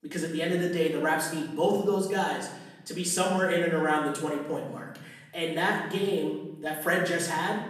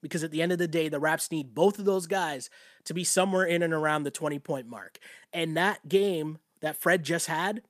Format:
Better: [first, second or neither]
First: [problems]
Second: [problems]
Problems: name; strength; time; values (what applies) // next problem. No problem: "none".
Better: second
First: off-mic speech; far // room echo; noticeable; dies away in 0.9 s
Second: none